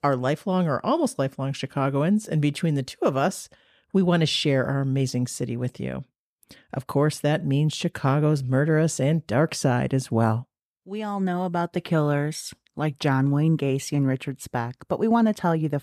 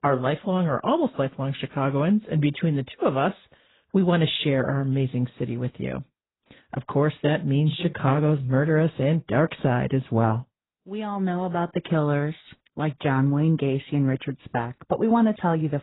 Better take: first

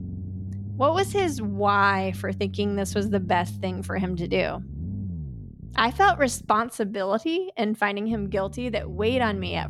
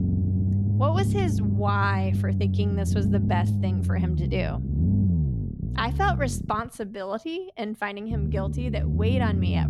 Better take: first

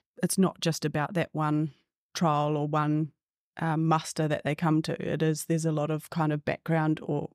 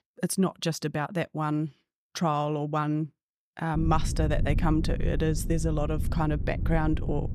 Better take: first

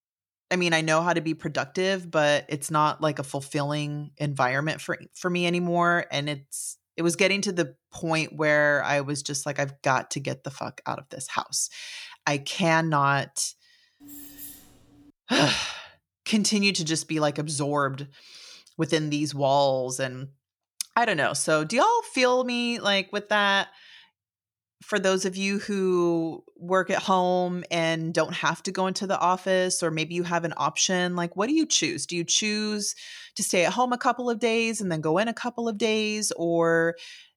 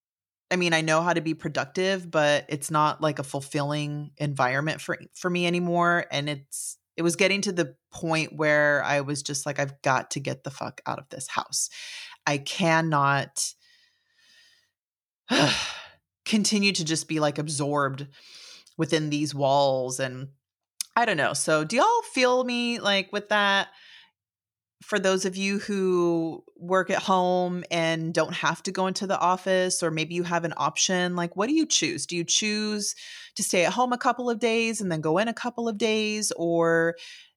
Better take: second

